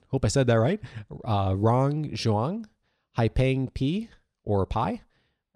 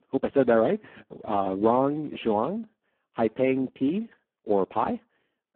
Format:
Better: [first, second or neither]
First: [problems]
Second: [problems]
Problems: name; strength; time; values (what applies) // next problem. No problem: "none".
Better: first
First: none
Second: phone-call audio; poor line